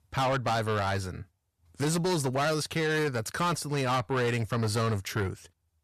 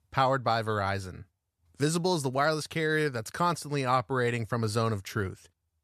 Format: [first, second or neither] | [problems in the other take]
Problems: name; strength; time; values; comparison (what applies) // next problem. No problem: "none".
second | distortion; heavy; 8 dB below the speech